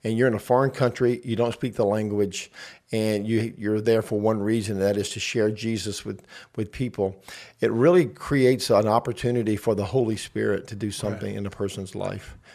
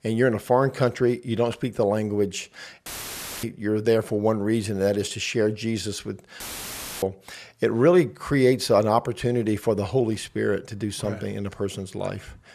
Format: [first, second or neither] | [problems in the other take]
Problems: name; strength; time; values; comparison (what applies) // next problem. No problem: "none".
first | audio cutting out; filled with static; at 3 s for 0.5 s and at 6.5 s for 0.5 s